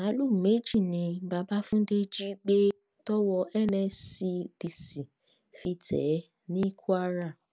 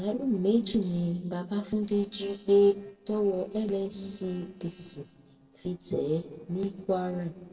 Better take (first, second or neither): first